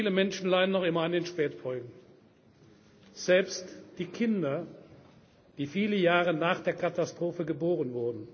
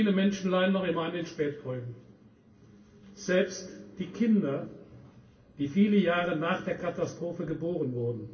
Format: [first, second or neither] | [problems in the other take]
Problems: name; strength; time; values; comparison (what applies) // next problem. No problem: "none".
first | room echo; dies away in 0.3 s